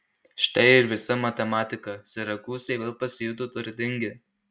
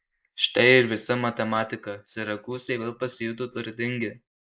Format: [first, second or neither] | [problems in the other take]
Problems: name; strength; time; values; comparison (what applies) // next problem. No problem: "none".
first | noise reduction (neural mask model Resemble Enhance denoiser)